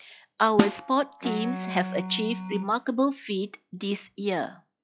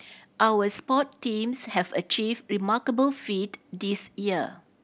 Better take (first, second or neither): second